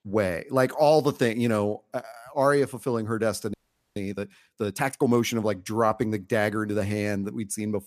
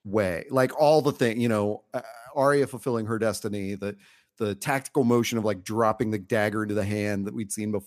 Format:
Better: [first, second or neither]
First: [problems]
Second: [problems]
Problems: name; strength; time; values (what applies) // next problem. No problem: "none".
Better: second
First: audio freezing; at 3.5 s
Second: none